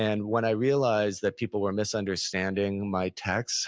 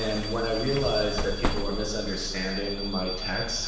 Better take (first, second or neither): first